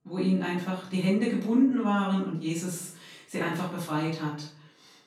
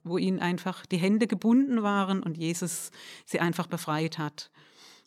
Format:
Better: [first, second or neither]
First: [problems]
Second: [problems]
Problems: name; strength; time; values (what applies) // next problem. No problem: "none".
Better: second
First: off-mic speech; far // room echo; noticeable; dies away in 0.5 s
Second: none